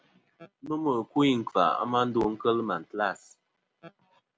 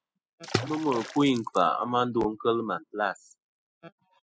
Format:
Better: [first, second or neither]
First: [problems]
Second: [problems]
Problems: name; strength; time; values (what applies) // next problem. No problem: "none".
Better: first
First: none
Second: noise reduction (classical method spectral subtraction)